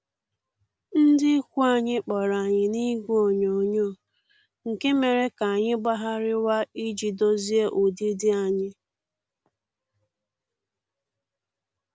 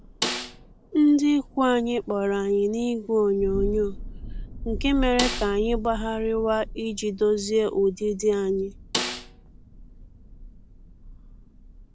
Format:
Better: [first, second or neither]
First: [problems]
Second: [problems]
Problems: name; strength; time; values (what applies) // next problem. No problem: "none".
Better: first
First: none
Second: background sound (Thunder + Snare drum); 9 dB below the speech